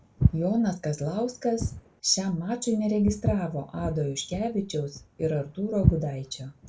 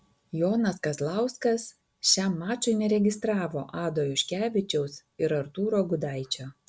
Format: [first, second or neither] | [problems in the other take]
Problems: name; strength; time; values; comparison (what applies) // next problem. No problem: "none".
second | background sound (Walk, footsteps); 4 dB below the speech // room echo; dies away in 0.2 s